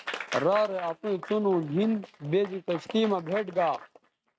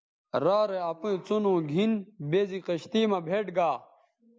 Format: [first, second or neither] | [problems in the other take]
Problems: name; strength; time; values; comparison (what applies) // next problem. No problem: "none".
second | noise reduction (neural mask model RNNoise)